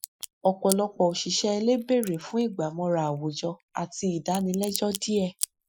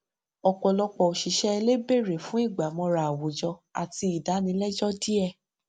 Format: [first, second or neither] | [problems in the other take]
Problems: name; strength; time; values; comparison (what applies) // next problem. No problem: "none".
second | noise reduction (classical method Wiener filter)